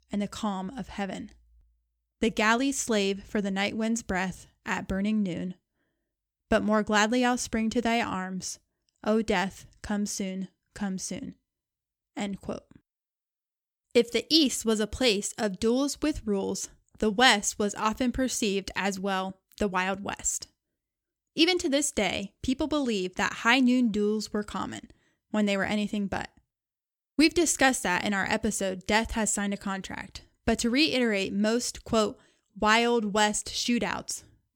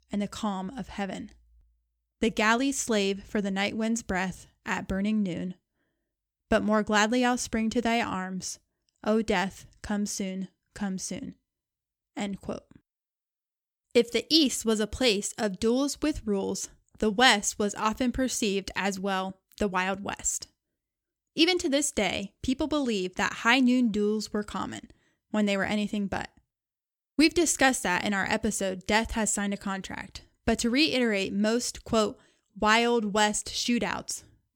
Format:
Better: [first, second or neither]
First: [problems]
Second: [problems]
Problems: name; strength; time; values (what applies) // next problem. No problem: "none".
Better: neither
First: none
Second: none